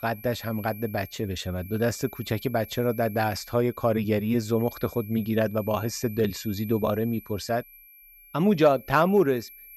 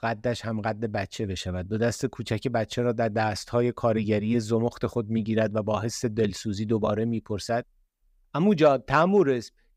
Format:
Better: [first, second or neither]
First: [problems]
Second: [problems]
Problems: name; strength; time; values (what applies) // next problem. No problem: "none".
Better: second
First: high-pitched whine; noticeable; throughout; 12 kHz, 20 dB below the speech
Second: none